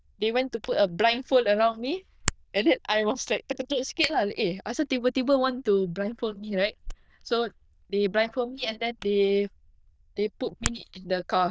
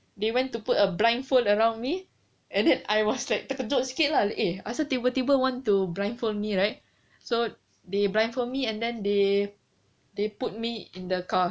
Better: second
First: noise reduction (neural diffusion model UNIVERSE++)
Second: none

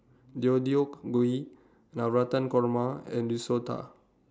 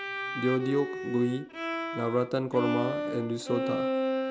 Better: first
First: none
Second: background sound (Bowed string instrument); 2 dB below the speech

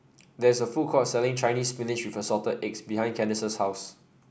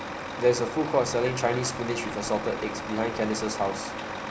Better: first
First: none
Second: background sound (Truck); 6 dB below the speech

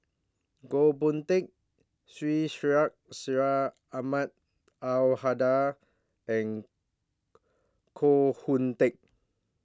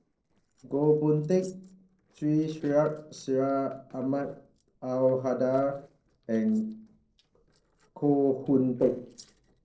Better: first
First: none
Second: noise reduction (neural separator model SepFormer DNS4)

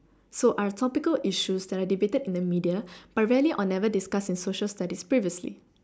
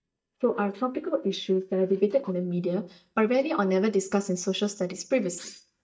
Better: first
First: none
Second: noise reduction (neural mask model DeepFilterNet 3)

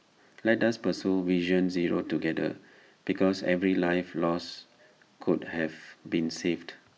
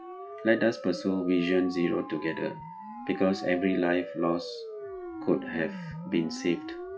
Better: first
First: none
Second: noise reduction (classical method WPE with log-MMSE)

